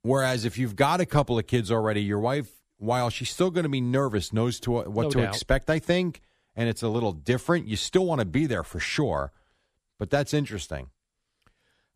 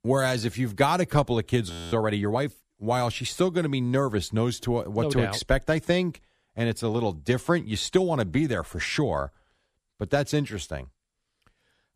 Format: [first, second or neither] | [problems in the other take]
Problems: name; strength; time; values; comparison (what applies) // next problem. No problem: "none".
first | audio freezing; at 1.5 s